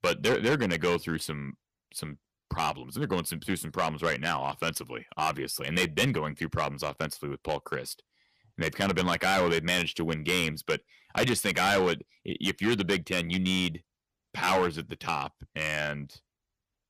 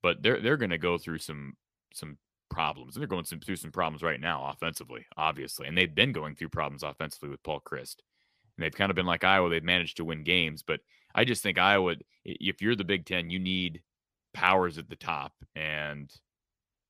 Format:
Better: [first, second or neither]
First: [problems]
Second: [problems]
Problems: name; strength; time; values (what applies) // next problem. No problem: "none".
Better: second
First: distortion; heavy; 5% of the sound clipped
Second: none